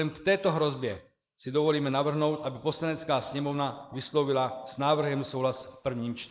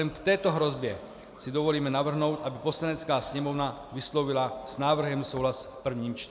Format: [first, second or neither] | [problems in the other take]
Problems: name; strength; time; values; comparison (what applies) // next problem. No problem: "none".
second | noise reduction (neural mask model Resemble Enhance denoiser)